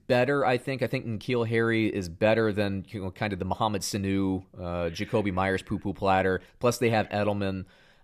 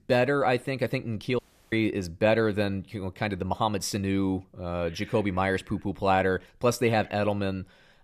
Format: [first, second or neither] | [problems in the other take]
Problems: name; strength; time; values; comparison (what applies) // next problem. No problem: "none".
first | audio cutting out; at 1.5 s